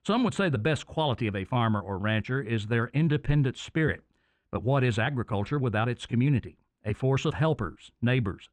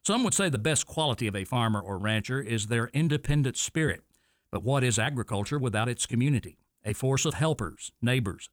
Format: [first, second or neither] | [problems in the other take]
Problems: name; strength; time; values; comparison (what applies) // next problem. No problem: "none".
second | muffled; very; fading above 2.5 kHz